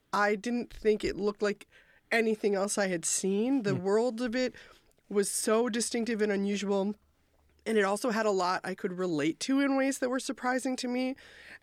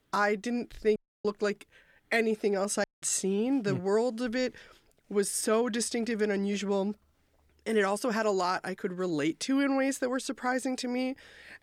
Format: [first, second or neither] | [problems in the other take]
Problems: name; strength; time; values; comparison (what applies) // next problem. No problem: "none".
first | audio cutting out; at 1 s and at 3 s